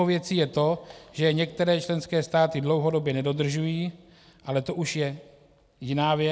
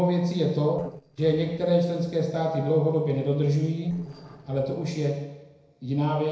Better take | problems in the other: first | noise reduction (neural separator model SepFormer DNS4)

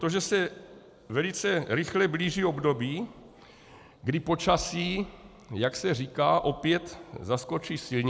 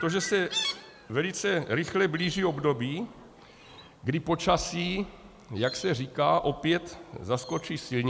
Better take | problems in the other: first | background sound (Chirp, tweet); 14 dB below the speech

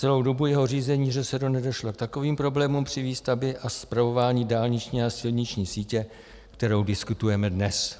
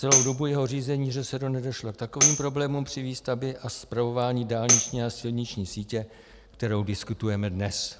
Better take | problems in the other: first | background sound (Tambourine); as loud as the speech

